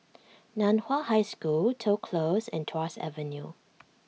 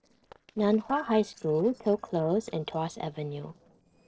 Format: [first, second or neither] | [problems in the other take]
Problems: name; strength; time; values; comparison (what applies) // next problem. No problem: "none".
first | noise reduction (neural separator model SepFormer DNS4)